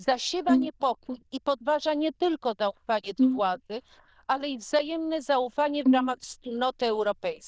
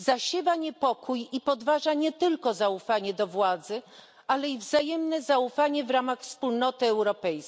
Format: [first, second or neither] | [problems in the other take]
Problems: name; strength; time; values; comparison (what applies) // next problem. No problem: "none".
second | noise reduction (neural diffusion model UNIVERSE++)